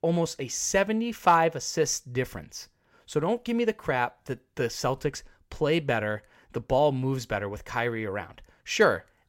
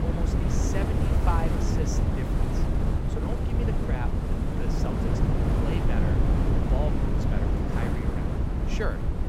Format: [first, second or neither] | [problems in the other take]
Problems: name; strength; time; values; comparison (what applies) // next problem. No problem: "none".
first | wind noise on the microphone; heavy; 3 dB above the speech